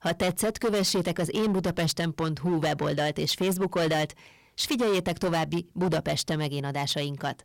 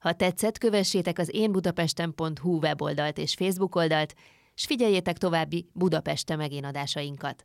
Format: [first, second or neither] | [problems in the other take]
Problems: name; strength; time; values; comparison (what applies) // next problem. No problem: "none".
second | distortion; heavy; 16% of the sound clipped